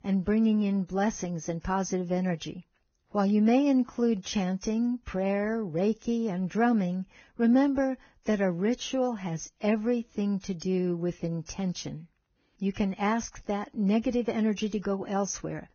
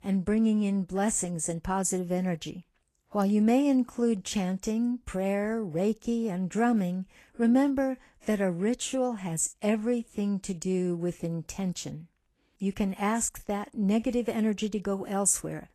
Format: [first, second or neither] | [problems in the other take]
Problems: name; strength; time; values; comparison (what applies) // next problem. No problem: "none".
second | garbled, watery; badly; nothing above 6.5 kHz; slightly in the second